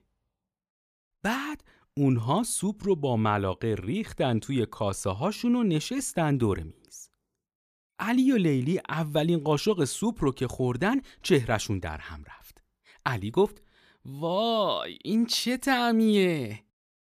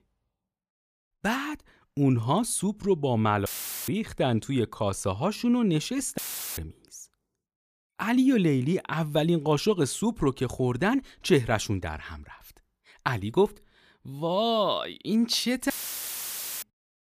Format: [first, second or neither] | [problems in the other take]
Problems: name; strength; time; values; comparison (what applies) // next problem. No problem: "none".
first | audio cutting out; filled with static; at 3.5 s, at 6 s and at 16 s for 1 s